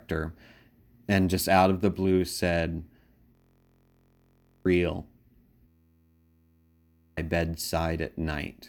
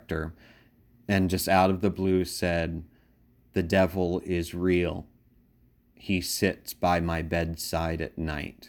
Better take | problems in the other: second | audio freezing; at 3.5 s for 1.5 s and at 5.5 s for 1.5 s

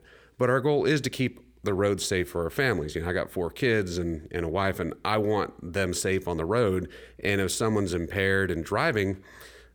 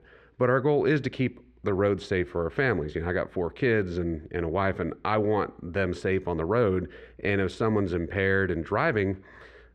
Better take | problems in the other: first | muffled; slightly; fading above 2.5 kHz

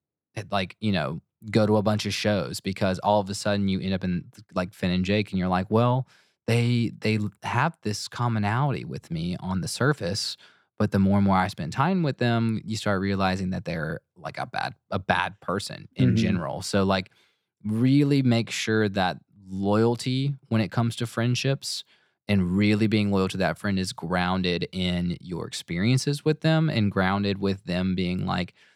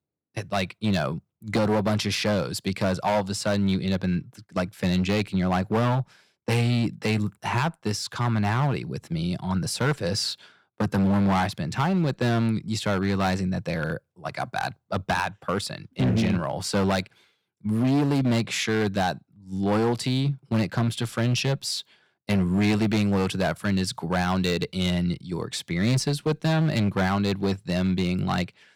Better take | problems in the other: first | distortion; slight; 8% of the sound clipped

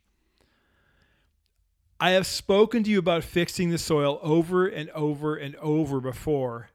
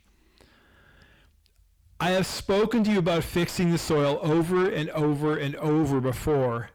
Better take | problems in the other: first | distortion; heavy; 6 dB below the speech

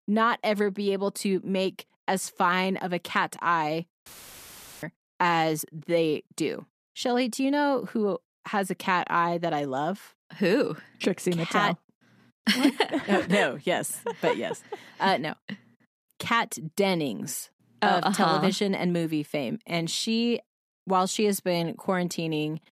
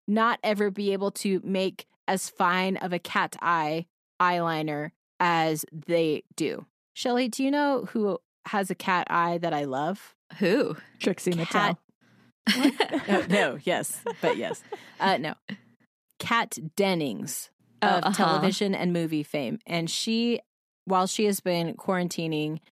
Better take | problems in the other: second | audio cutting out; filled with static; at 4 s for 1 s

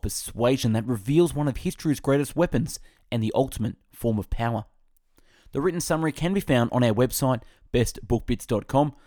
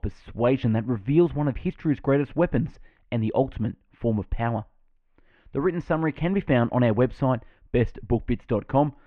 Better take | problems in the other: first | muffled; very; fading above 2.5 kHz

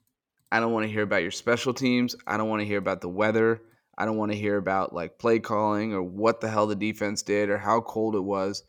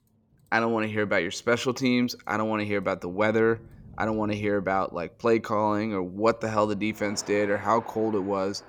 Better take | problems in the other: first | rain or running water; faint; throughout; 25 dB below the speech

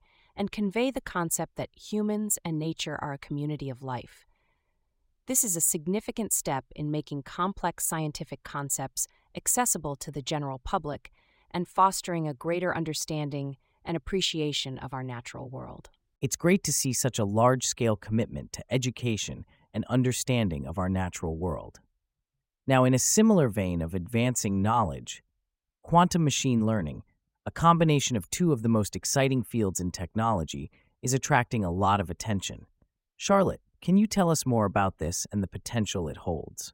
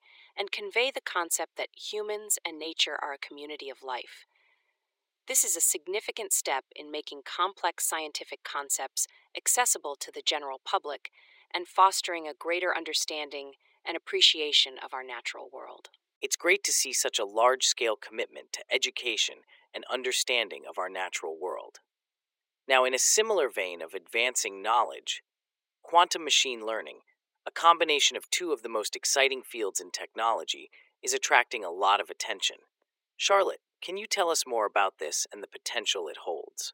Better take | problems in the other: first | thin; very; fading below 350 Hz

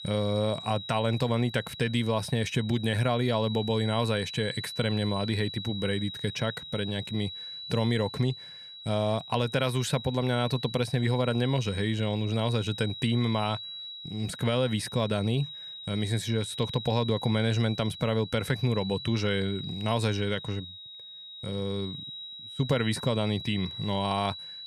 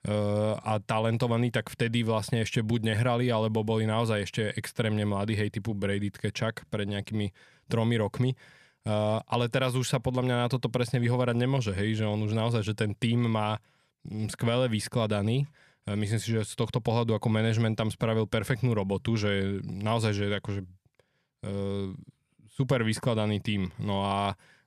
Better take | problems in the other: second | high-pitched whine; loud; throughout; 4 kHz, 10 dB below the speech

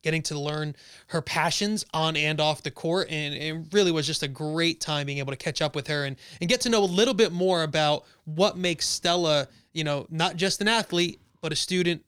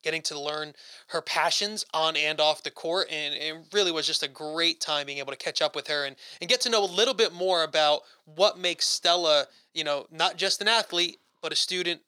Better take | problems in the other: first | thin; very; fading below 400 Hz

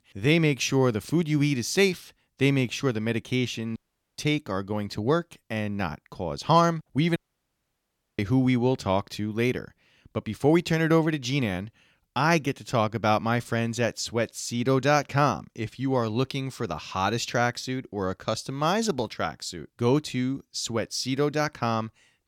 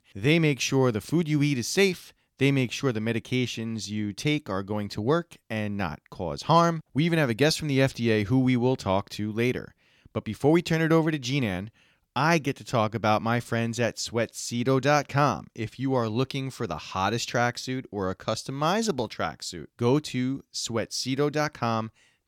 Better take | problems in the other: second | audio cutting out; at 4 s and at 7 s for 1 s

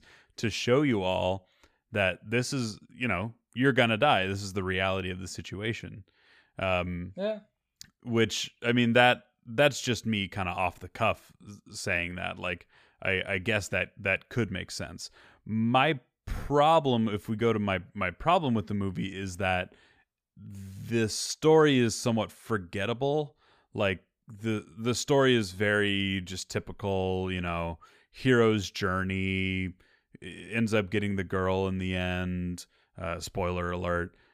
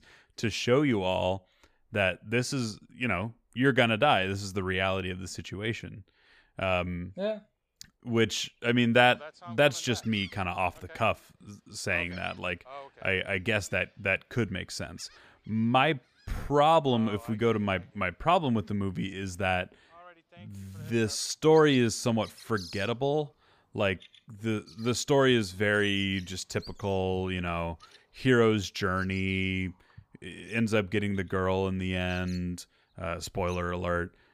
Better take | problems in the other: first | animal sounds; faint; throughout; 25 dB below the speech

